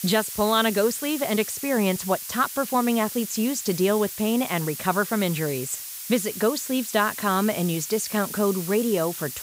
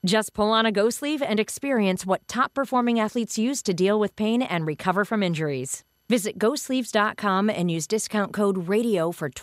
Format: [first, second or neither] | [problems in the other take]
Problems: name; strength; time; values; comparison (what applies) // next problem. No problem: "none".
second | hiss; loud; throughout; 8 dB below the speech